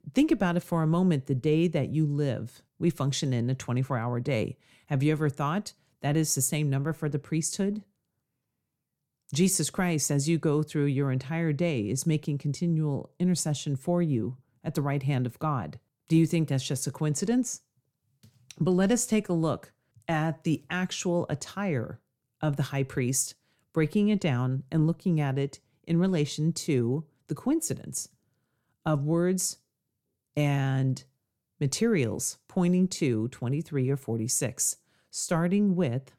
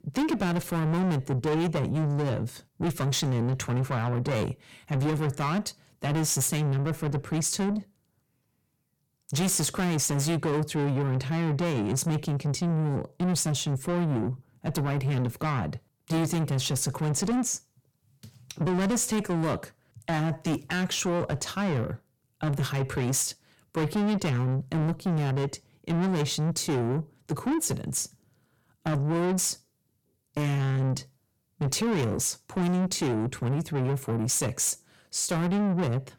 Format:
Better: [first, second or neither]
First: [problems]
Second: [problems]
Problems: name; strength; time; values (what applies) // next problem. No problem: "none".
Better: first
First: none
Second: distortion; heavy; 7 dB below the speech